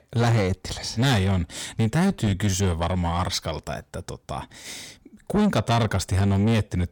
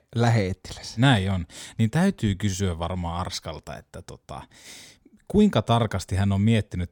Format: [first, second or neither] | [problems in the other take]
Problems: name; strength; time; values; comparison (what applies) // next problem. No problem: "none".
second | distortion; heavy; 8 dB below the speech